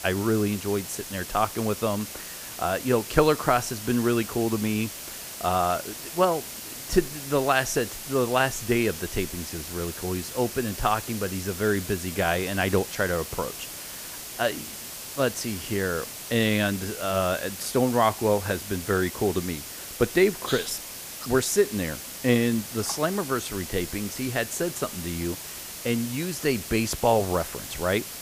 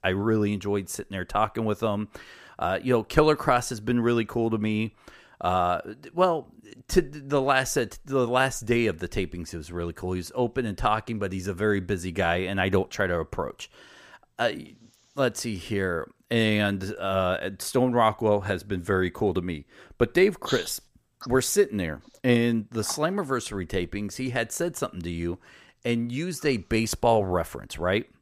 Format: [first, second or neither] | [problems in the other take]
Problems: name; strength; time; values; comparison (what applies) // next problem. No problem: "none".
second | hiss; loud; throughout; 9 dB below the speech